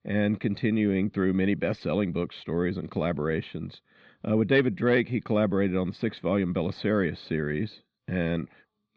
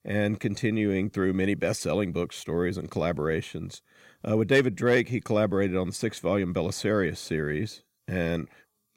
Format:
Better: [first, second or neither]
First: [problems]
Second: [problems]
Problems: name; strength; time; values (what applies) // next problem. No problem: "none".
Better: second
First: muffled; slightly; fading above 4 kHz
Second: none